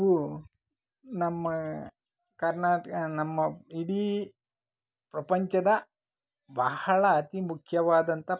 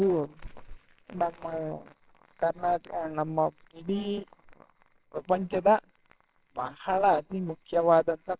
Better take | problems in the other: first | noise reduction (neural separator model SepFormer WHAMR!)

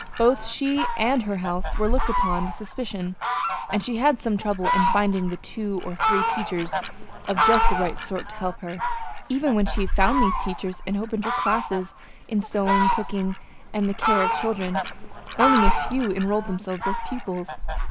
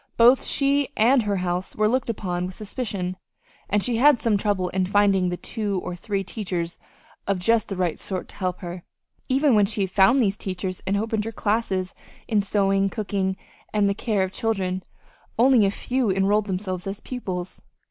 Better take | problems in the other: second | background sound (Fowl); 1 dB above the speech

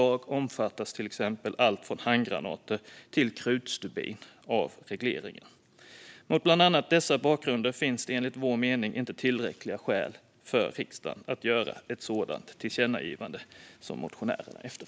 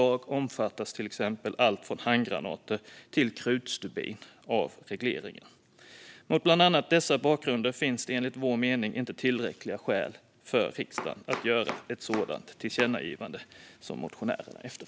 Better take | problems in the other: first | background sound (Domestic sounds, home sounds); 10 dB below the speech

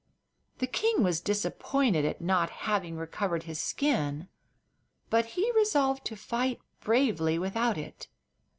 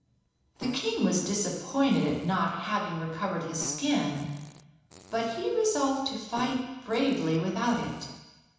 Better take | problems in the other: first | background sound (Fart); 19 dB below the speech // room echo; dies away in 1.1 s

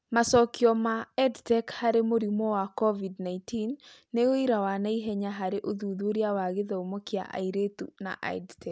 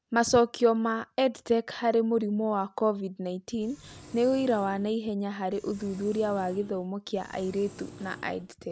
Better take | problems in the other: first | background sound (Engine); 20 dB below the speech

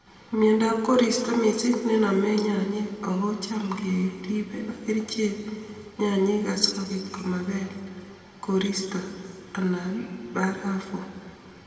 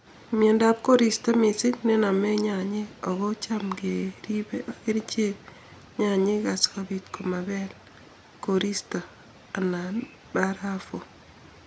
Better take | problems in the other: second | room echo; dies away in 2.2 s

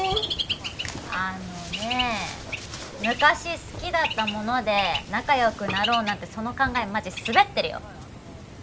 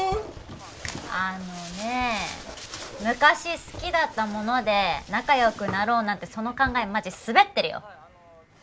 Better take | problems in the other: second | background sound (Bird); 8 dB below the speech

